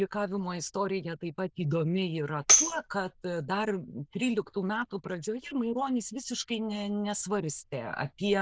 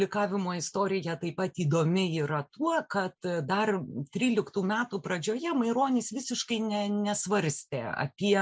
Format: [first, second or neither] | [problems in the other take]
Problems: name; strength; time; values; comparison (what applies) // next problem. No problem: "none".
second | noise reduction (neural diffusion model UNIVERSE++)